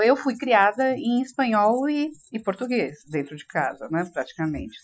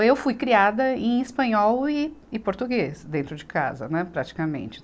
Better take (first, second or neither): second